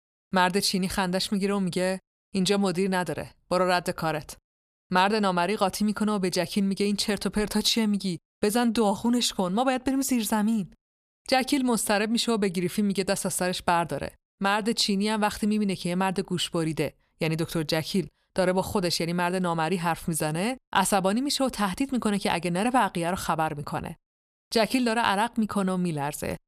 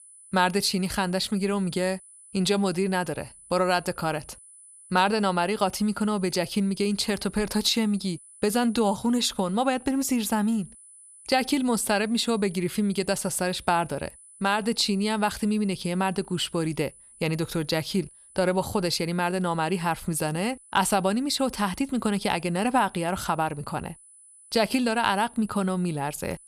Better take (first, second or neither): first